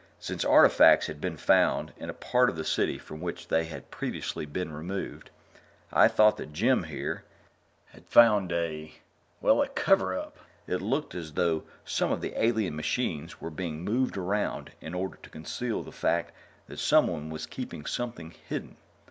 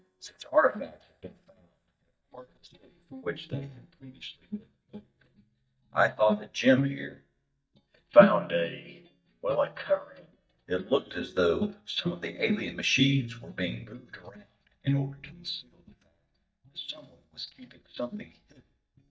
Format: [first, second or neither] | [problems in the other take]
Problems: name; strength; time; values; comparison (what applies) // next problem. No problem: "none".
first | noise reduction (neural mask model DeepFilterNet 3)